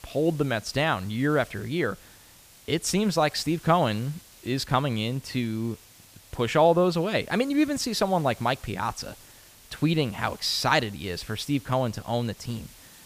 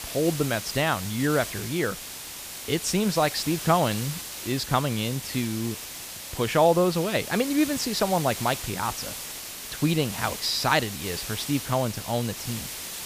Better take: first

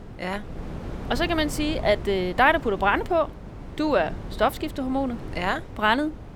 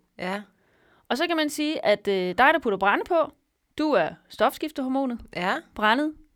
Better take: second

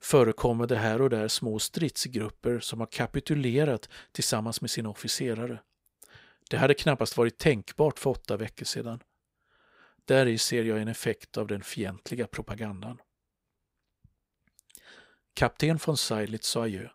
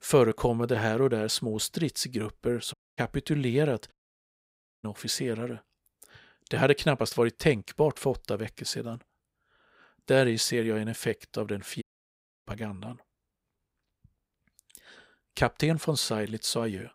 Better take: first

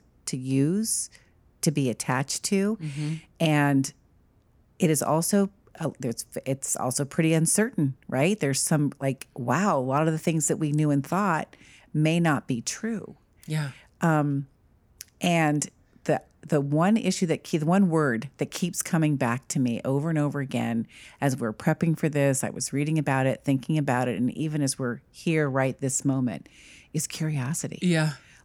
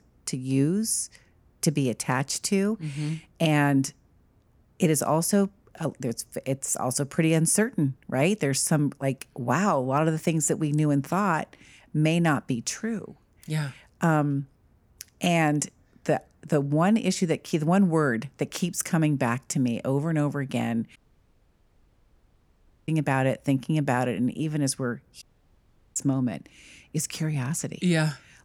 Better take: first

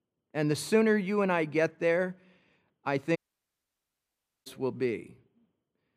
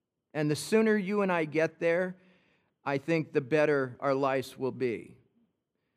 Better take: second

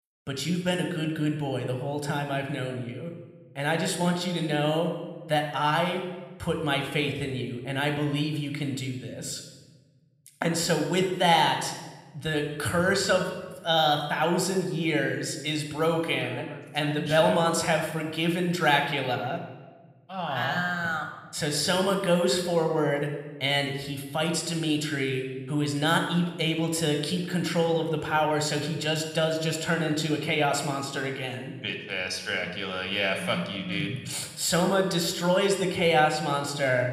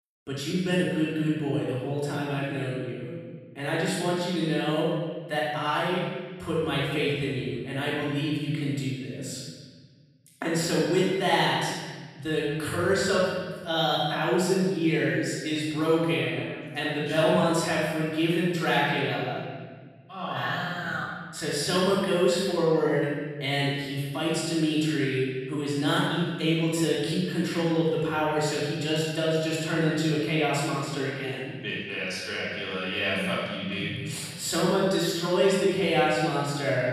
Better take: first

